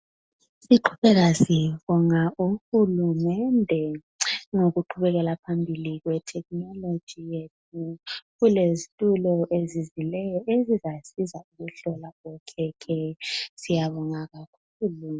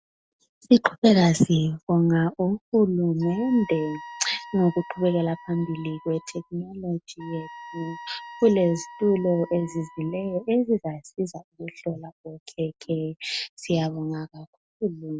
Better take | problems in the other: first | background sound (Wind instrument, woodwind instrument); 18 dB below the speech

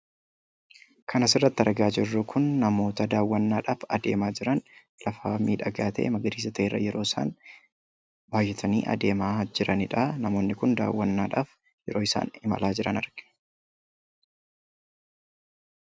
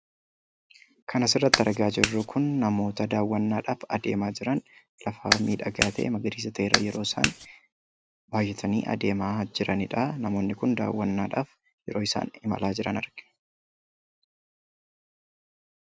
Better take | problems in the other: first | background sound (Clapping); 1 dB above the speech

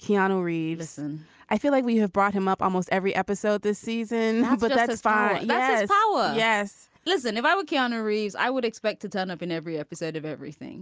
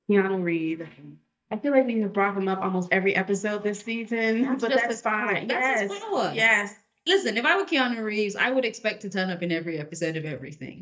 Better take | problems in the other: first | noise reduction (neural mask model DeepFilterNet 3)

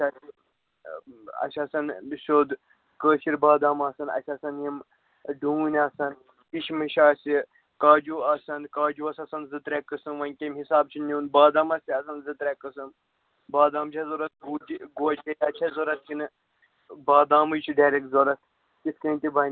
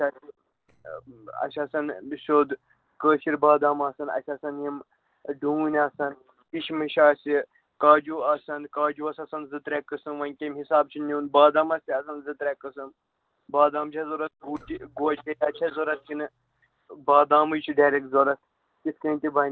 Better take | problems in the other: first | noise reduction (neural separator model SepFormer DNS4)

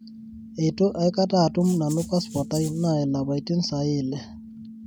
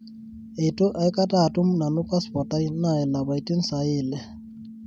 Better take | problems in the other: second | background sound (Rattle (instrument)); 19 dB below the speech

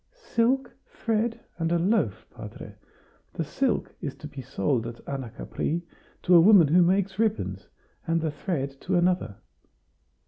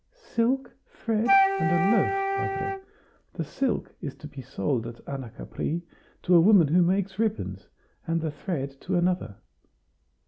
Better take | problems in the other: first | background sound (Wind instrument, woodwind instrument); 1 dB above the speech

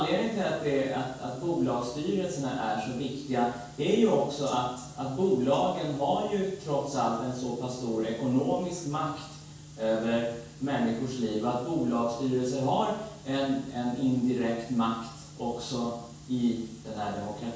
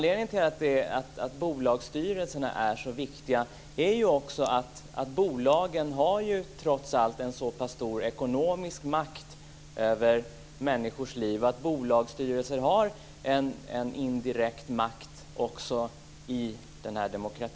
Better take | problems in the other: second | room echo; dies away in 0.6 s

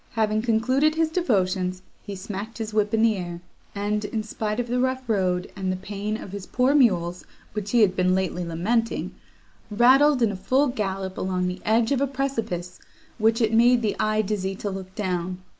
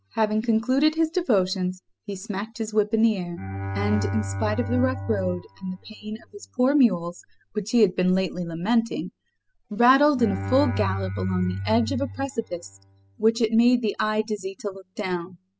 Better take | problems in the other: first | noise reduction (classical method spectral subtraction)

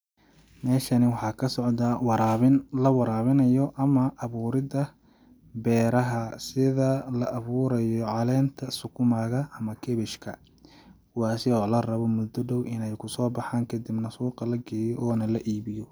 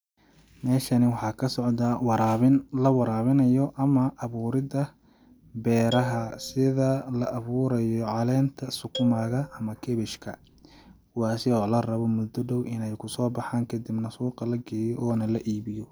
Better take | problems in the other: first | background sound (Marimba, xylophone); 16 dB below the speech

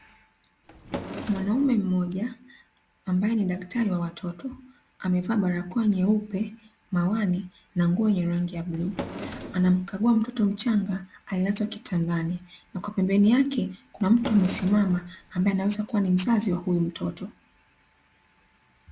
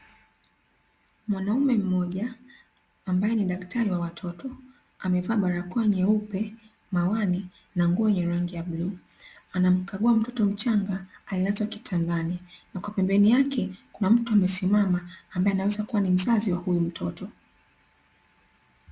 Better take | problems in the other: second | background sound (Drawer open or close); 12 dB below the speech

